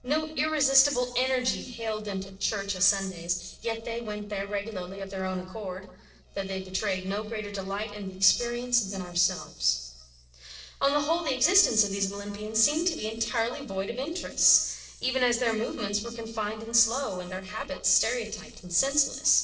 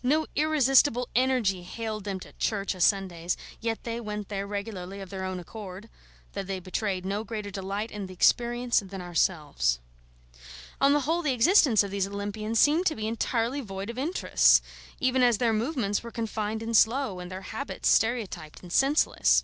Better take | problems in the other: second | noise reduction (neural separator model SepFormer DNS4)

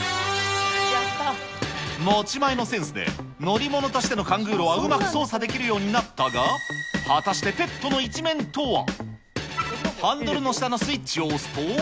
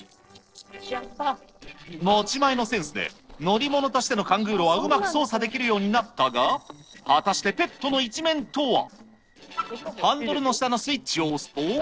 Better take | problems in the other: first | noise reduction (neural separator model SepFormer DNS4)

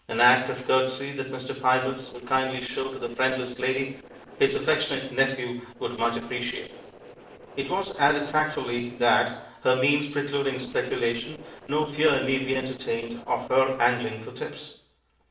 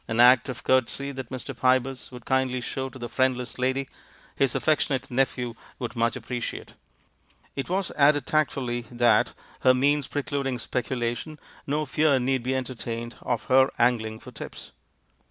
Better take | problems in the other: second | noise reduction (neural separator model SepFormer DNS4)

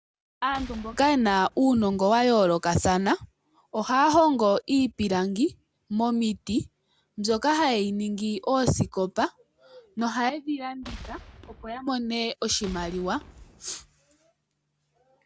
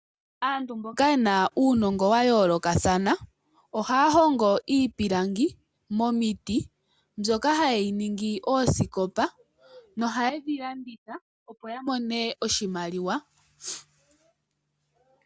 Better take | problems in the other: second | background sound (Boom); 18 dB below the speech

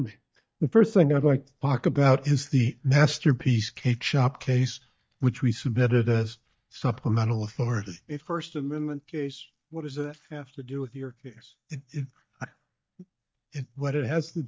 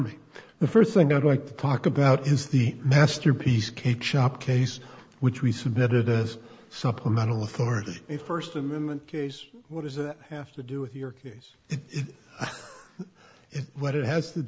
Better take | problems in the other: second | noise reduction (neural mask model DeepFilterNet 3)

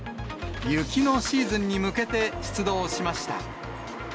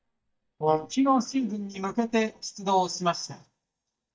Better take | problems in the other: first | noise reduction (neural mask model DeepFilterNet 3)

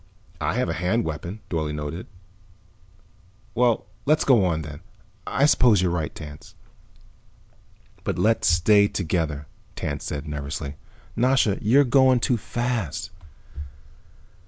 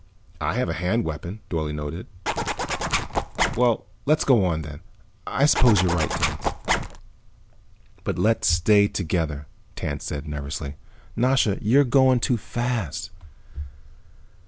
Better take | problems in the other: first | background sound (Zipper (clothing)); 1 dB below the speech

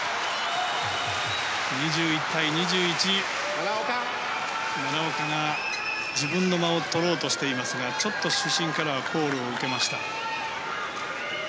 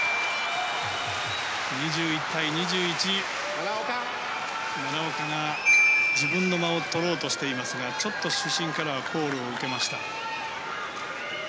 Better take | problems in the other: first | background sound (Marimba, xylophone); 4 dB below the speech

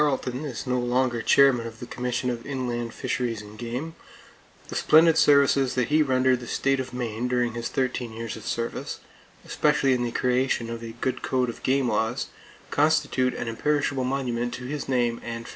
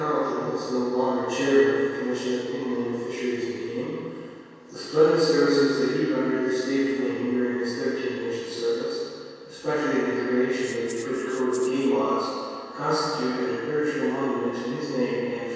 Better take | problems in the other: first | background sound (Rattle (instrument)); 20 dB below the speech // room echo; dies away in 2.2 s

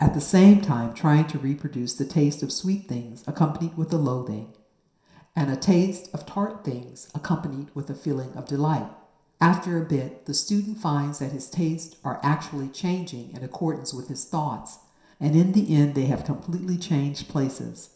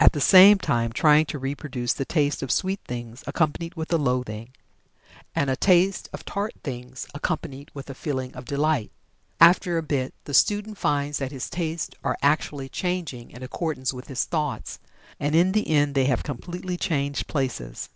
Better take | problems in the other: second | room echo; dies away in 0.7 s

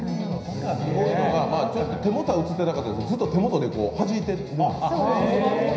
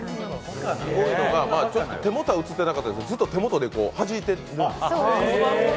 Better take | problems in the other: second | room echo; dies away in 0.9 s

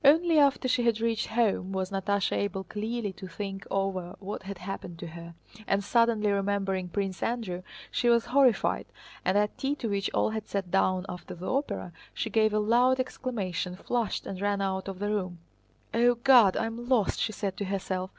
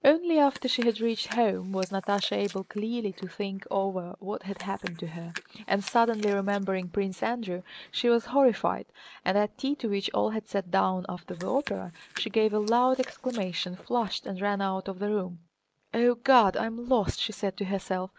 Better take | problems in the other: first | noise reduction (neural mask model Resemble Enhance denoiser)

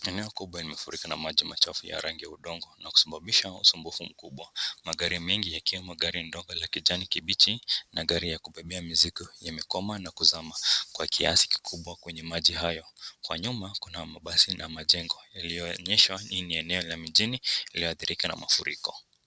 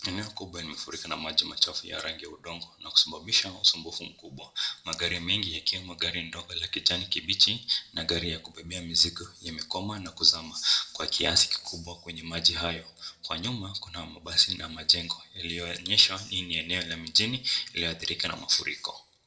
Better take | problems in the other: first | room echo; dies away in 0.3 s

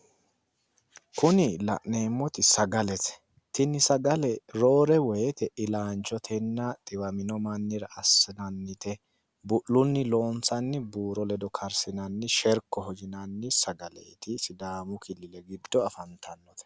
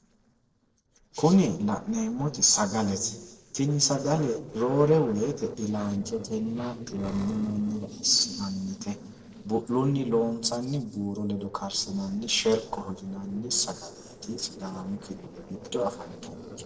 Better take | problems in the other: first | noise reduction (neural separator model SepFormer DNS4)

